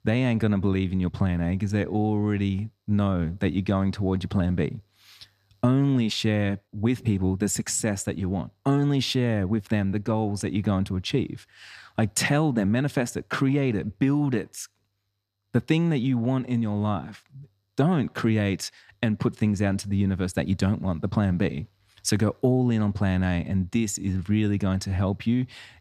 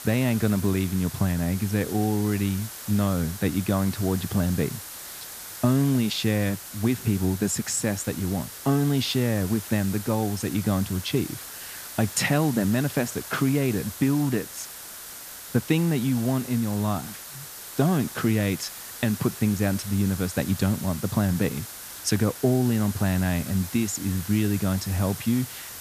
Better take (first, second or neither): first